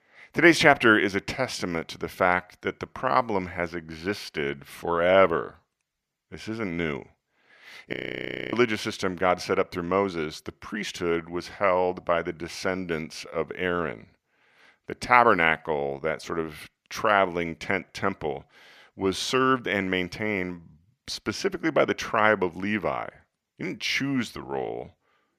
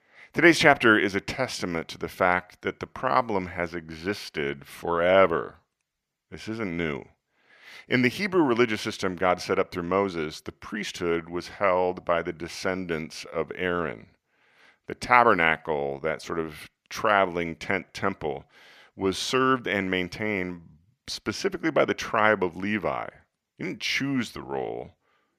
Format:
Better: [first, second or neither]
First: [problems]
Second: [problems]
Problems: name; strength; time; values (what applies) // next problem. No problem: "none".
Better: second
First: audio freezing; at 8 s for 0.5 s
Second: none